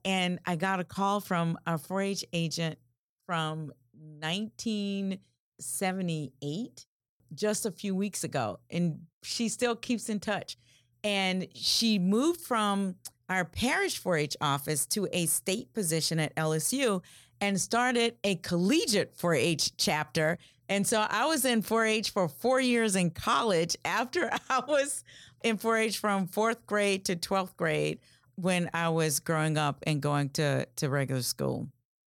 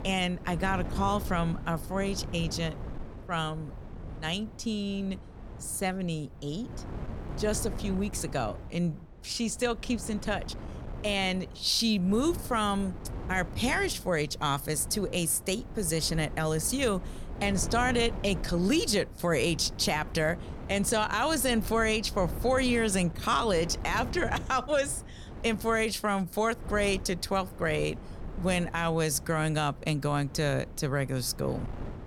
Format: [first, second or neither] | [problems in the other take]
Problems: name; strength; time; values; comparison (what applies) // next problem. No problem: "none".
first | wind noise on the microphone; occasional gusts; 15 dB below the speech